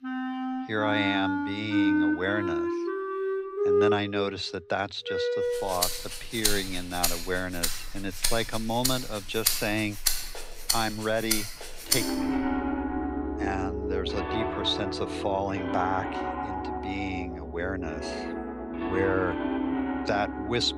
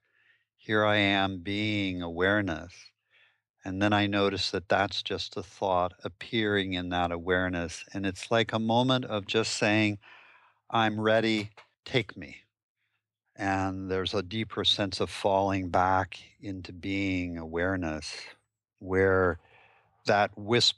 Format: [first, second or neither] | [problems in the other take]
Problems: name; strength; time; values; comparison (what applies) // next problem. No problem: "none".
second | background music; very loud; throughout; 1 dB above the speech